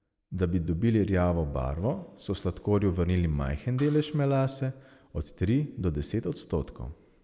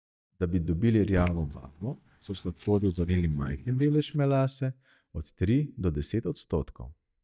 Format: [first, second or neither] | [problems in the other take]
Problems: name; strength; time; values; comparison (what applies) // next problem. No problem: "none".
first | noise reduction (neural mask model DeepFilterNet 3)